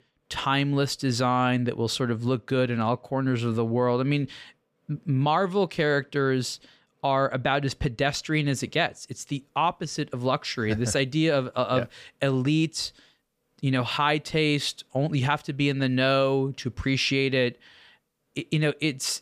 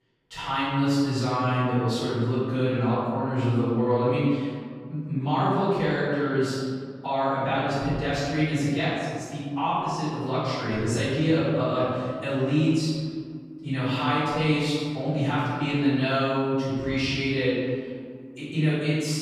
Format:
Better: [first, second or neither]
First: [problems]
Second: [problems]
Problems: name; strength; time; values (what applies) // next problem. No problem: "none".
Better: first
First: none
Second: off-mic speech; far // room echo; strong; dies away in 1.9 s